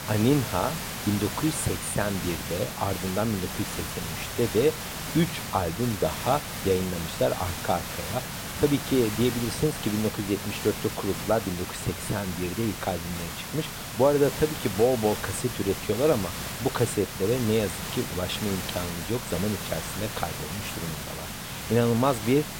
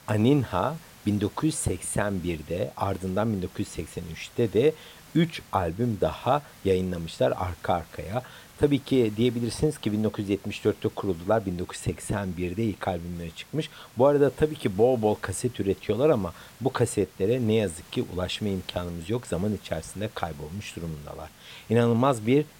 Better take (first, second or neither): second